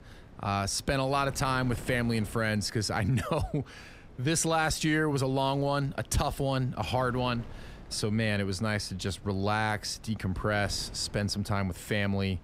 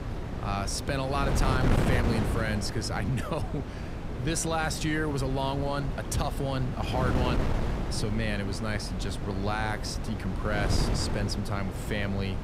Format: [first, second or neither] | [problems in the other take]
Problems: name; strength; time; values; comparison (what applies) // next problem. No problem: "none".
first | wind noise on the microphone; heavy; 5 dB below the speech; occasional gusts in the first